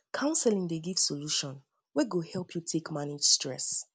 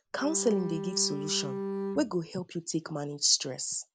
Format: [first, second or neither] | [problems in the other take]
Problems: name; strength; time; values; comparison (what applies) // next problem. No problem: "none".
first | background sound (Bowed string instrument); 4 dB below the speech